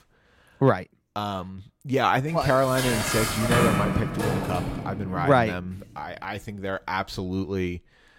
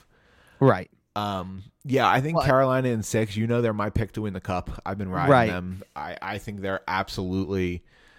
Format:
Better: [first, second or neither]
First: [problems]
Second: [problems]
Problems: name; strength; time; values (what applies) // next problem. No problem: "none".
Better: second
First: clattering dishes; loud; from 2.5 to 5 s; peak 4 dB above the speech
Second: none